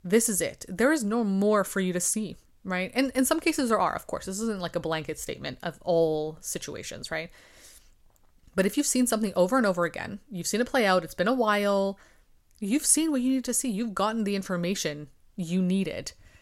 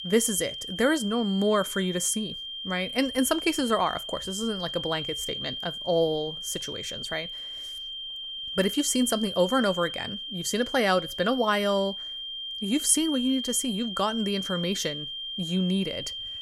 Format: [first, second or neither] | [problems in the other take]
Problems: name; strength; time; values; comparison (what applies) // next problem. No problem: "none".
first | high-pitched whine; loud; throughout; 3 kHz, 6 dB below the speech